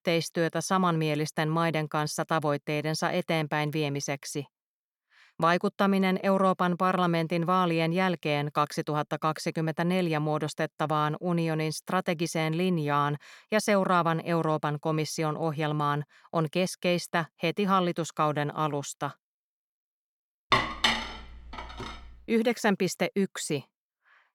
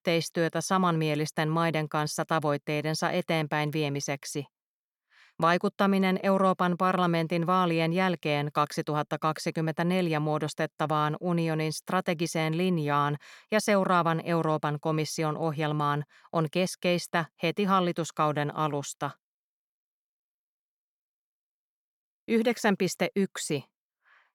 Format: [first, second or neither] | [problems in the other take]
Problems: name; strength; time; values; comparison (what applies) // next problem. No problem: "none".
second | clattering dishes; loud; from 21 to 22 s; peak 3 dB above the speech